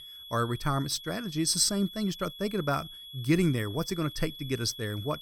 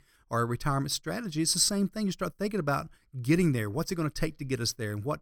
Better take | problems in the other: second | high-pitched whine; noticeable; throughout; 3.5 kHz, 15 dB below the speech

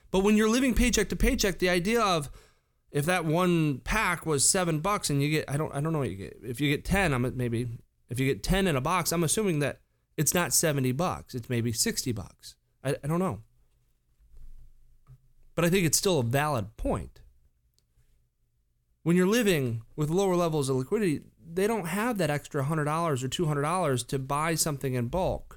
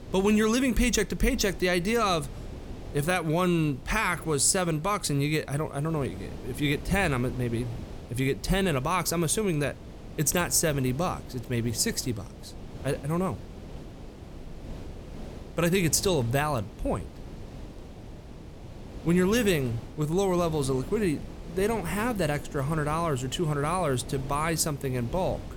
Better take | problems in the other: first | wind noise on the microphone; occasional gusts; 20 dB below the speech

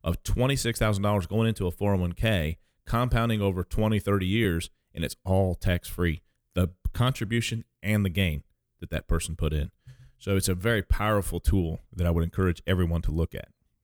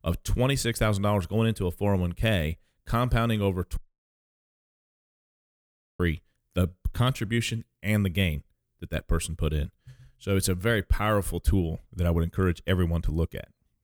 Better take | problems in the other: first | audio cutting out; at 4 s for 2 s

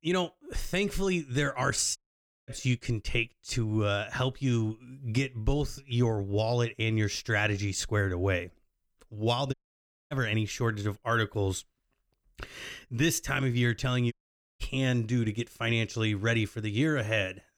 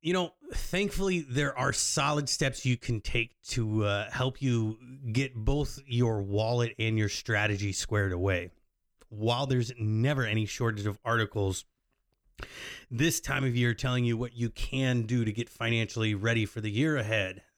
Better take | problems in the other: second | audio cutting out; at 2 s for 0.5 s, at 9.5 s for 0.5 s and at 14 s

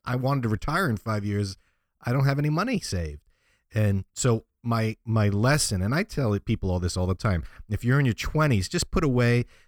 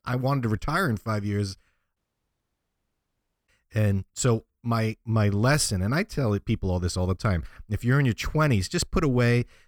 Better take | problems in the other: first | audio cutting out; at 2 s for 1.5 s

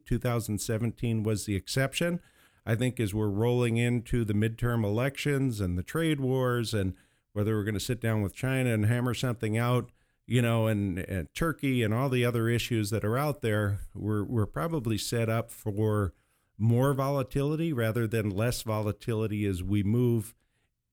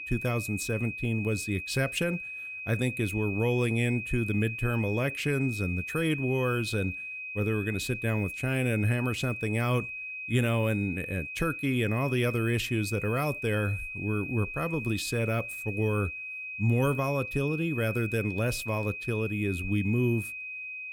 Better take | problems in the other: first | high-pitched whine; loud; throughout; 2.5 kHz, 6 dB below the speech

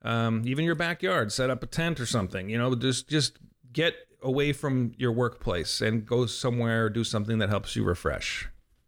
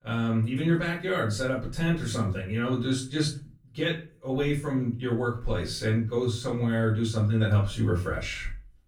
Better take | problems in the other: first | off-mic speech; far // room echo; slight; dies away in 0.3 s

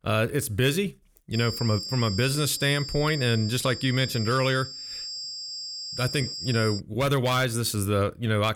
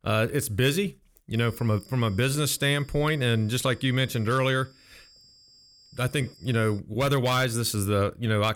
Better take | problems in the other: second | high-pitched whine; loud; from 1.5 to 7 s; 5 kHz, 8 dB below the speech; faint in the second

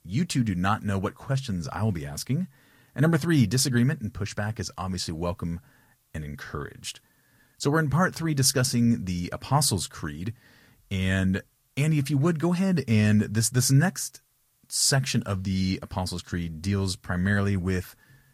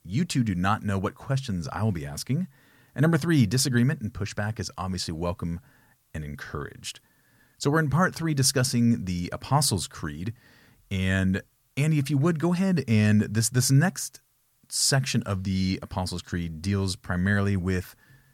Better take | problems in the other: second | garbled, watery; slightly; nothing above 14 kHz

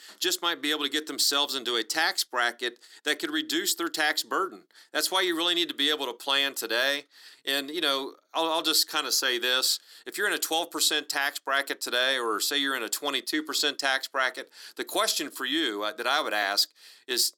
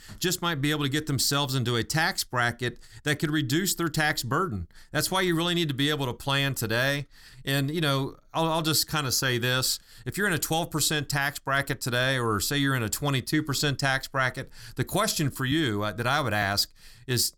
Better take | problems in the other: second | thin; somewhat; fading below 300 Hz

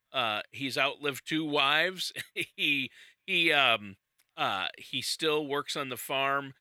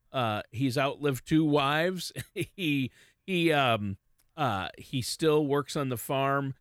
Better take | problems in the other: second | thin; somewhat; fading below 1 kHz

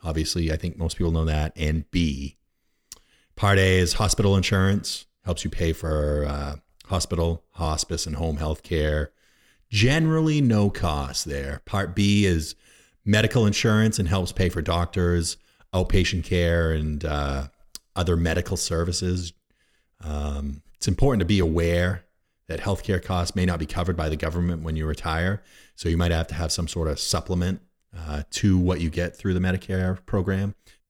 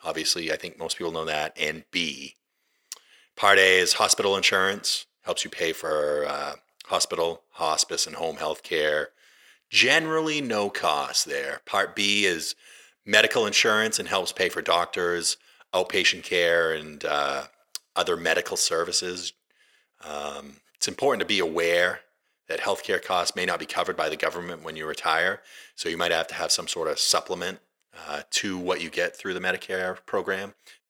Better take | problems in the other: first | thin; very; fading below 600 Hz

